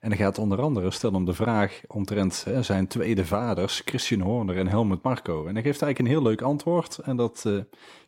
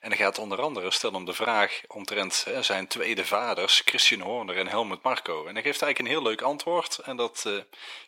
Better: first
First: none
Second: thin; very; fading below 650 Hz

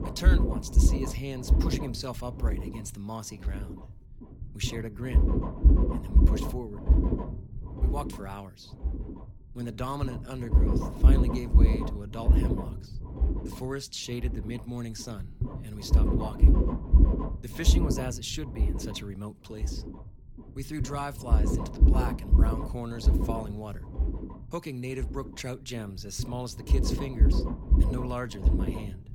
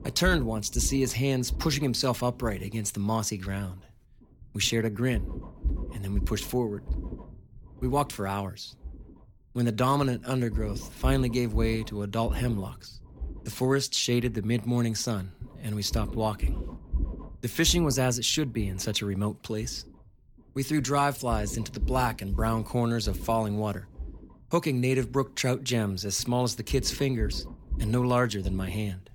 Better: second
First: low rumble; loud; throughout; 1 dB below the speech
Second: low rumble; faint; throughout; 20 dB below the speech

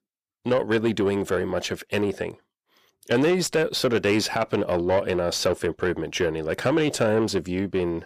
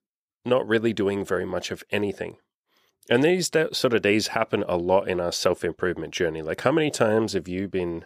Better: second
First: distortion; slight; 10 dB below the speech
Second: none

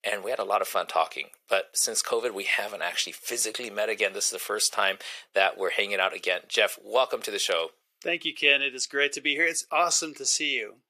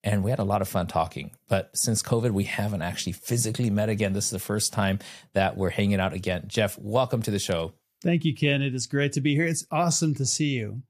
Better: second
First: thin; very; fading below 400 Hz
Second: none

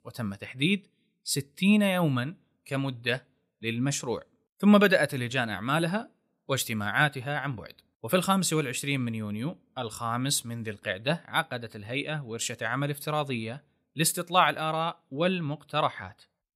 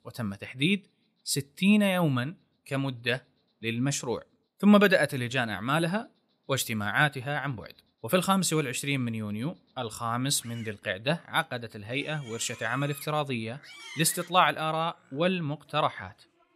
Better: first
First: none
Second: animal sounds; noticeable; throughout; 20 dB below the speech

